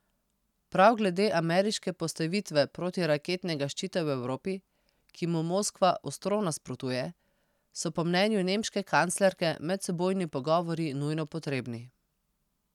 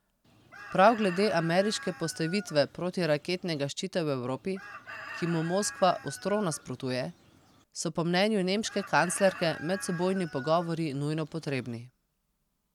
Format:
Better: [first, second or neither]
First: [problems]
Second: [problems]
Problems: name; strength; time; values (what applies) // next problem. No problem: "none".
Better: first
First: none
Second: background sound (Chicken, rooster); 16 dB below the speech